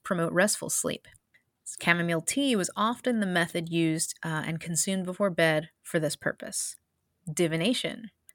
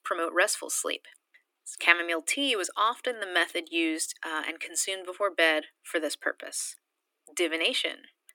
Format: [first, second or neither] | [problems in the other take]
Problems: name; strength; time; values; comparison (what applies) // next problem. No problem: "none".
first | thin; somewhat; fading below 300 Hz